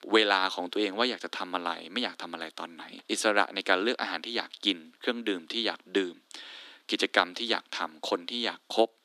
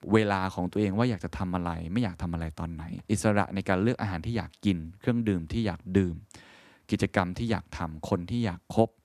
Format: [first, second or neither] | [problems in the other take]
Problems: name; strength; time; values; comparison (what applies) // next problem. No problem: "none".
second | thin; somewhat; fading below 300 Hz